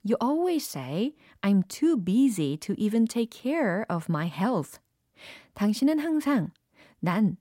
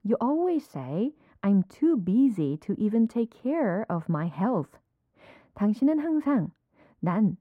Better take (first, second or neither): first